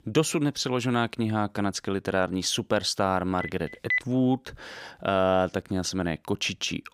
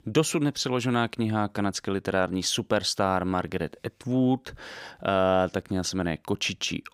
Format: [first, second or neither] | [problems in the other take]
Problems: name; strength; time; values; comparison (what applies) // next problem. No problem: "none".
second | phone ringing; noticeable; at 3.5 s; peak level with the speech